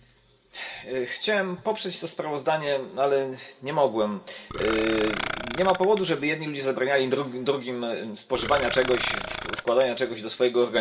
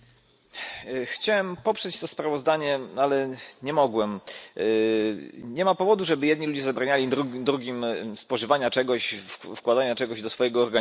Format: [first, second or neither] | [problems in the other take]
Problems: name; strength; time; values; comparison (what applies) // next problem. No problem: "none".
second | background sound (Burping, eructation); 6 dB below the speech // room echo; dies away in 0.8 s